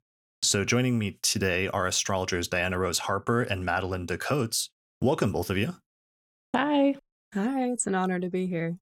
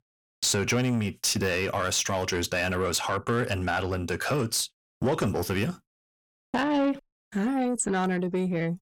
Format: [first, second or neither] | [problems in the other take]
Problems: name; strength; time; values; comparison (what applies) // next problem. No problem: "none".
first | distortion; slight; 10 dB below the speech